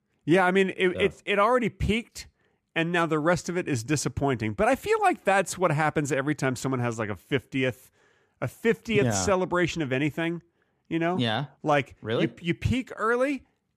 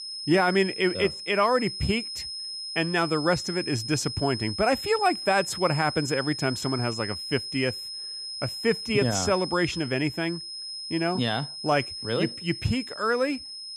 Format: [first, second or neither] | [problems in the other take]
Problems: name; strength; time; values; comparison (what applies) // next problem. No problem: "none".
first | high-pitched whine; loud; throughout; 5 kHz, 7 dB below the speech